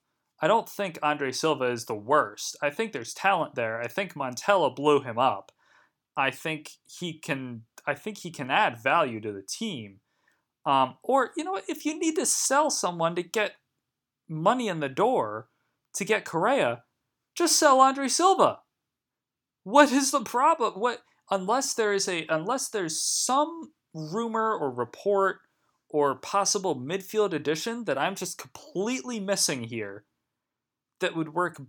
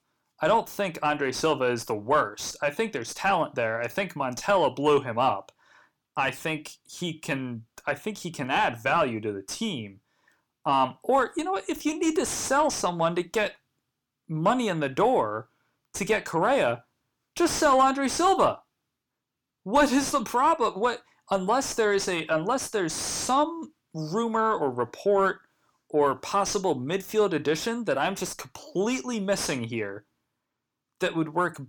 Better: first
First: none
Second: distortion; slight; 10 dB below the speech

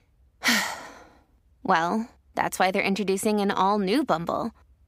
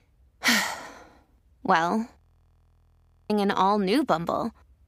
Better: first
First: none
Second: audio freezing; at 2 s for 1 s

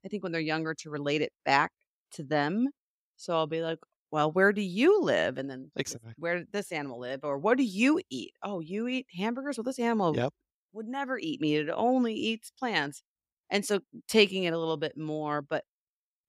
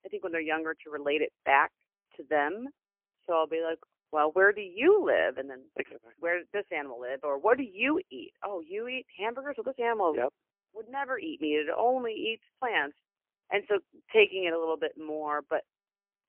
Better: first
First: none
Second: phone-call audio; poor line; nothing above 3 kHz

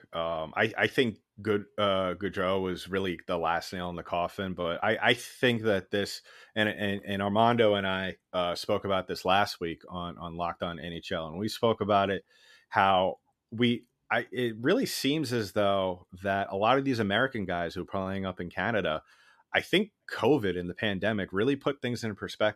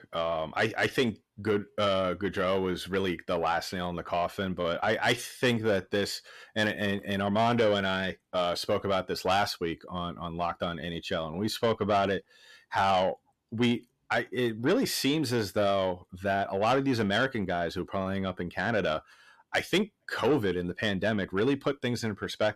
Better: first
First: none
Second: distortion; slight; 10 dB below the speech

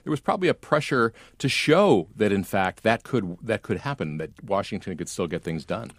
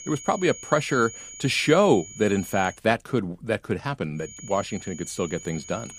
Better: first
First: none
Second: high-pitched whine; noticeable; until 2.5 s and from 4 s on; 7 kHz, 15 dB below the speech

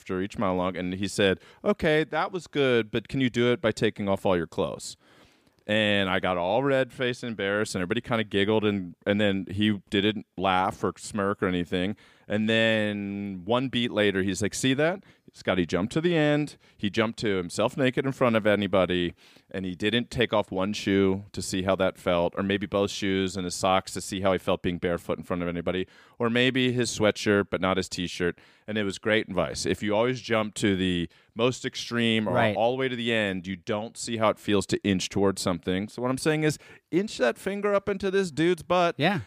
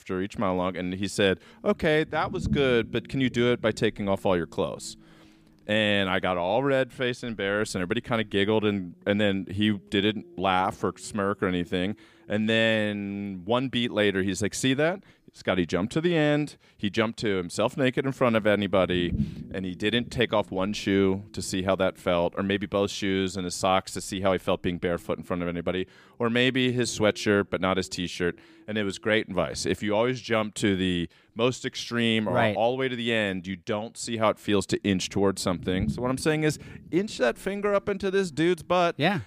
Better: first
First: none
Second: low rumble; faint; throughout; 25 dB below the speech

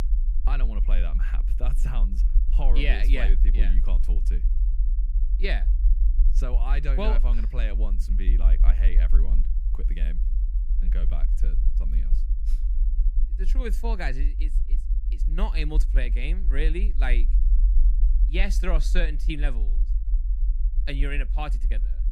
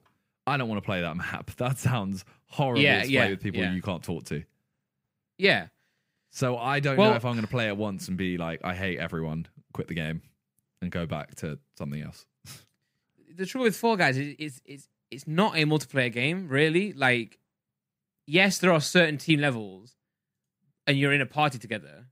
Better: second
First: low rumble; noticeable; throughout; 15 dB below the speech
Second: none

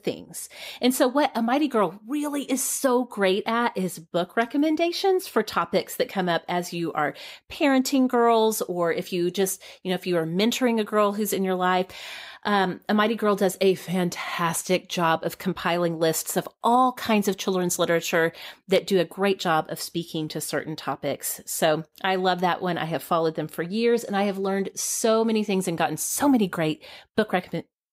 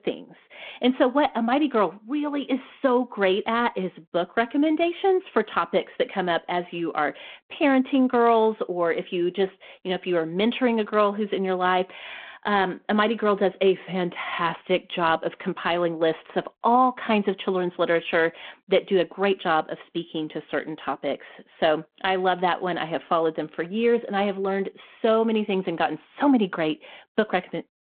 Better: first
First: none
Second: phone-call audio

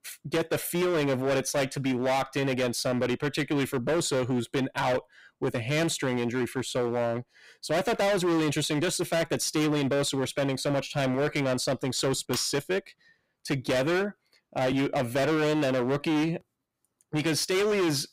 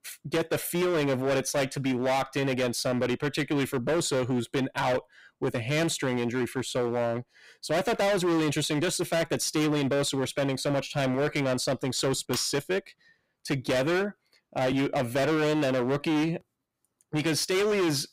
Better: neither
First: distortion; heavy; 21% of the sound clipped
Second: distortion; heavy; 21% of the sound clipped

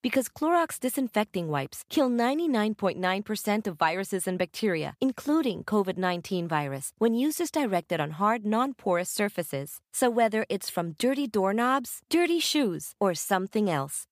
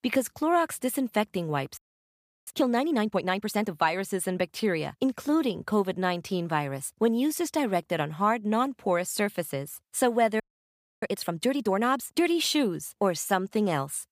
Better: first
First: none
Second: audio freezing; at 2 s for 0.5 s and at 10 s for 0.5 s

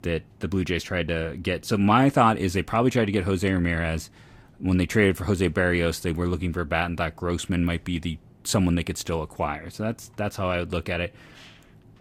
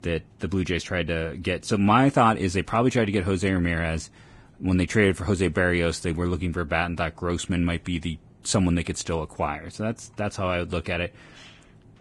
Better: first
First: garbled, watery; slightly; nothing above 15 kHz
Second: garbled, watery; badly

